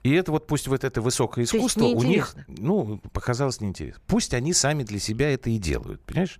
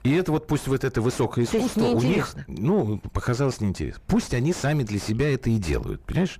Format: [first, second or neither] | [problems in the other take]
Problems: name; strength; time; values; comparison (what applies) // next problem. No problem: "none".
first | distortion; heavy; 8 dB below the speech